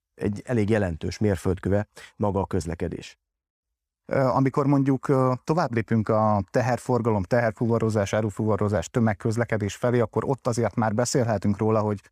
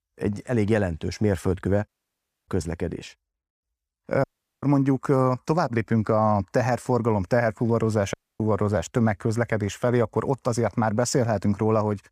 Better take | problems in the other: first | audio cutting out; at 2 s for 0.5 s, at 4 s and at 8 s

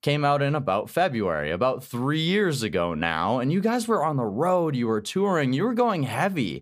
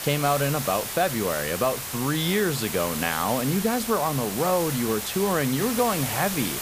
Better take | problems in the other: first | hiss; loud; throughout; 5 dB below the speech

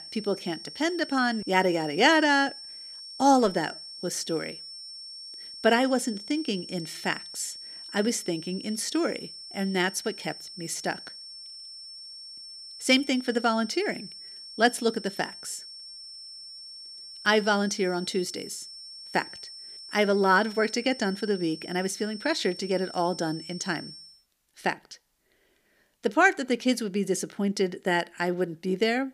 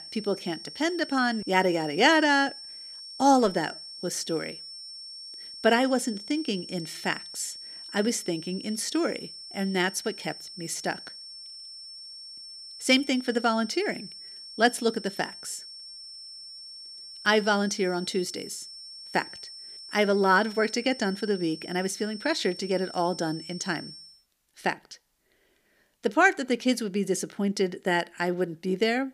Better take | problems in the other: neither | high-pitched whine; noticeable; until 24 s; 5.5 kHz, 15 dB below the speech; the same in both

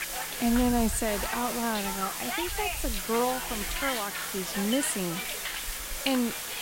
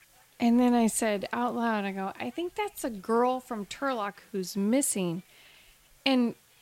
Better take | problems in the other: second | hiss; loud; throughout; 1 dB below the speech; faint in the second

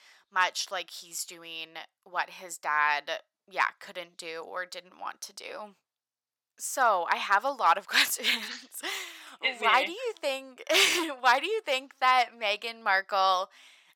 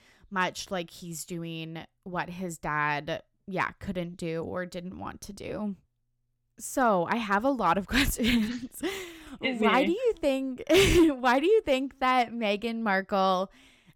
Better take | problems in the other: second | thin; very; fading below 900 Hz

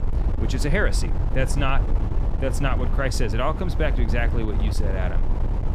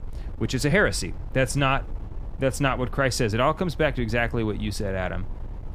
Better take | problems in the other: second | wind noise on the microphone; heavy; 9 dB below the speech; occasional gusts in the second

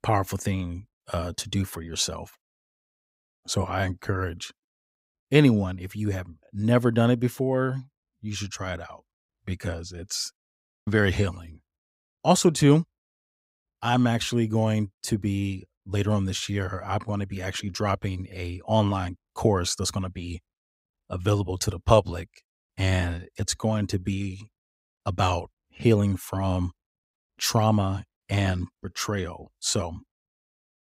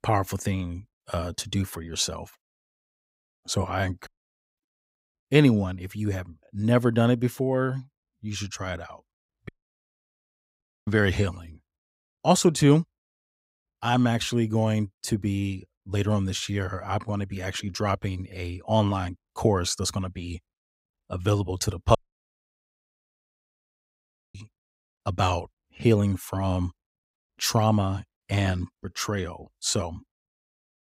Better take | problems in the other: first | audio cutting out; at 4 s for 0.5 s, at 9.5 s for 1 s and at 22 s for 2.5 s

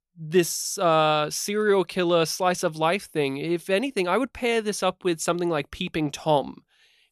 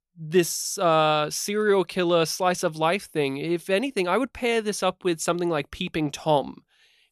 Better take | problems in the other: neither | none

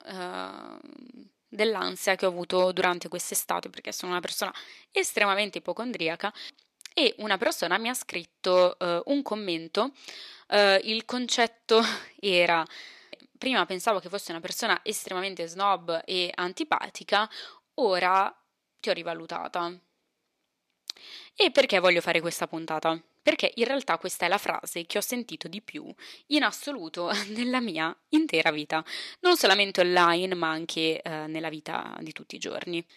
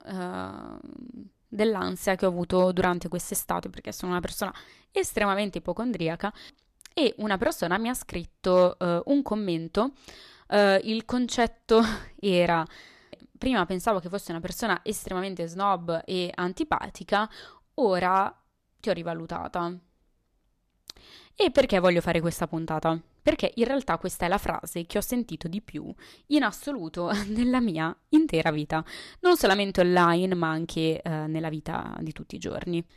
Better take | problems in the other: second | thin; very slightly; fading below 300 Hz

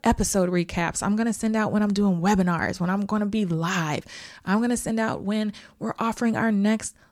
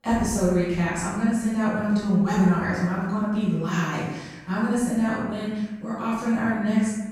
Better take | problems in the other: first | off-mic speech; far // room echo; strong; dies away in 1 s

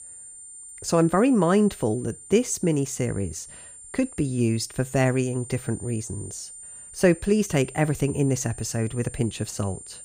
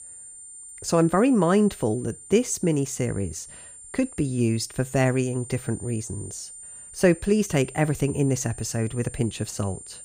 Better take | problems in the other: neither | high-pitched whine; noticeable; throughout; 9 kHz, 15 dB below the speech; the same in both

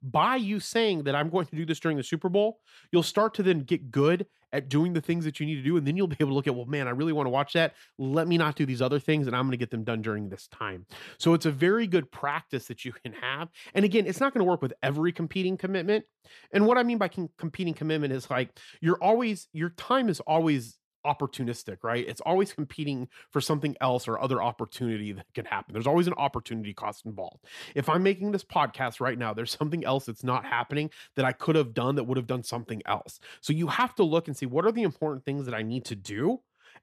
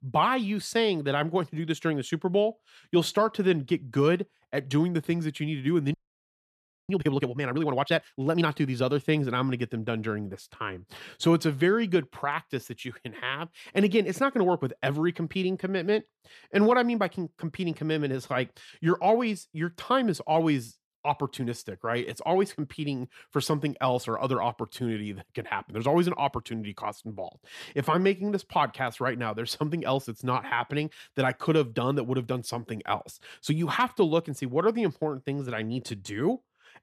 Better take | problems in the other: first | audio freezing; at 6 s for 1 s

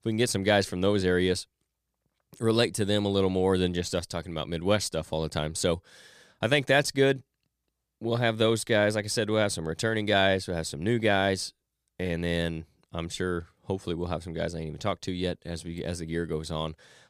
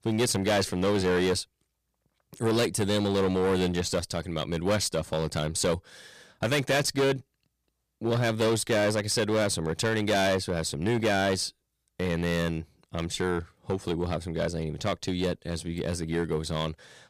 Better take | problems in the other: first | distortion; heavy; 10% of the sound clipped

